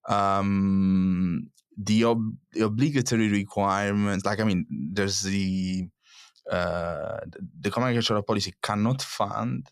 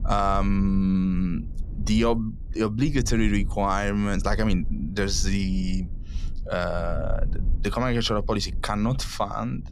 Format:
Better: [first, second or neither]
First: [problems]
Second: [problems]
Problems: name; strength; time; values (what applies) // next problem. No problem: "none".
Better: first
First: none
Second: low rumble; faint; throughout; 20 dB below the speech